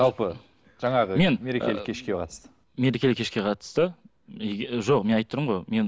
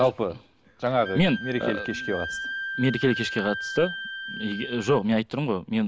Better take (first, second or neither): first